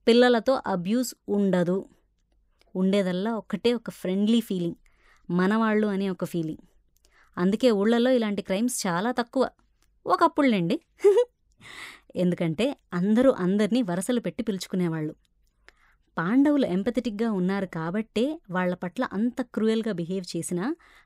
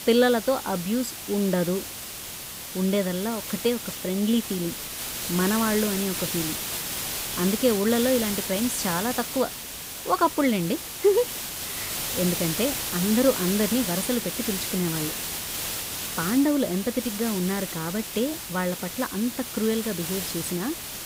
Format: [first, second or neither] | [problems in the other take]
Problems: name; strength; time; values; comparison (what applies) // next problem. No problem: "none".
first | hiss; loud; throughout; 4 dB below the speech